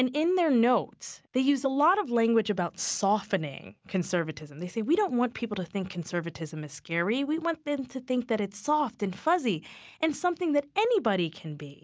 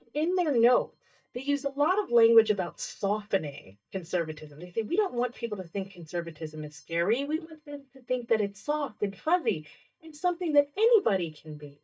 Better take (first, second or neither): first